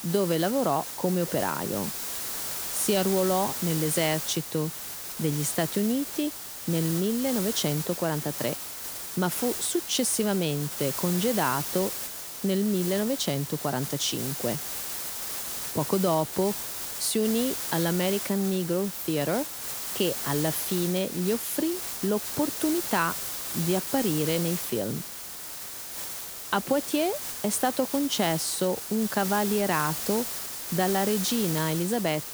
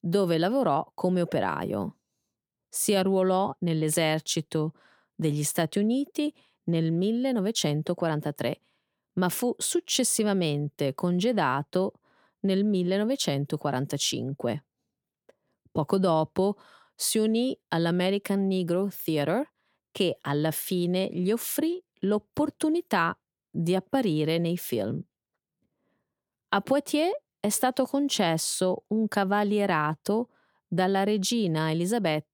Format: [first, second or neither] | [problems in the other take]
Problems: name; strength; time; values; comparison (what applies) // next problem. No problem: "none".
second | hiss; loud; throughout; 4 dB below the speech